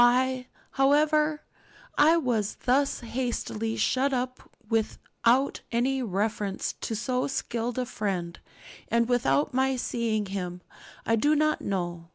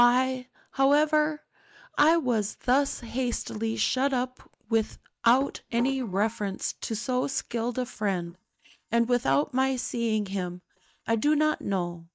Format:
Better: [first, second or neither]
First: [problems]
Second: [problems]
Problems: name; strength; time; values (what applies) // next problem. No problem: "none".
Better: first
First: none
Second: noise reduction (neural mask model DeepFilterNet 3)